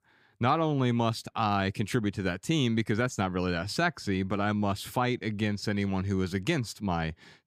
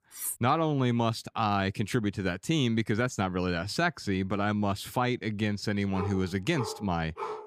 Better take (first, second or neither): first